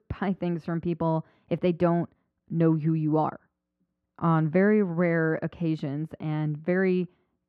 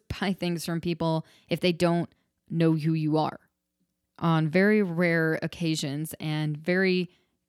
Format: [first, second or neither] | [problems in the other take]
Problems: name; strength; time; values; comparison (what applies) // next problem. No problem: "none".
second | muffled; very; fading above 4 kHz